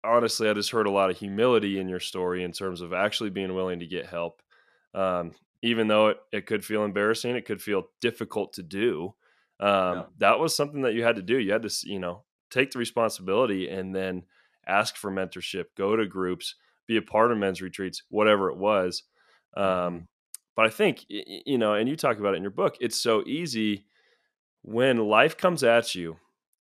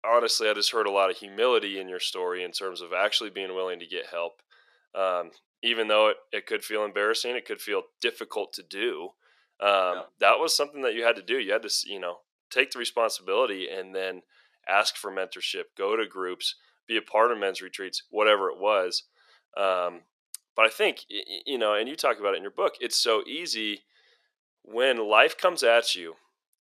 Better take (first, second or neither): first